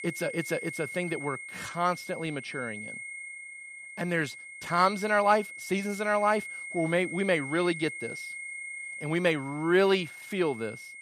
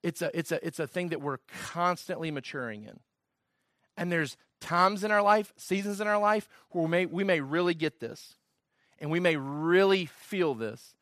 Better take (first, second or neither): second